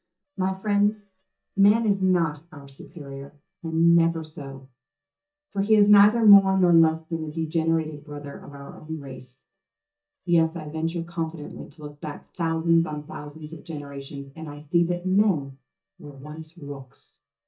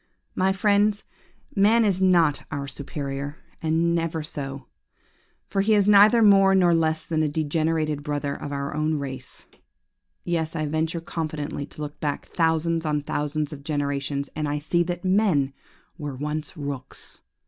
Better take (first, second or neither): second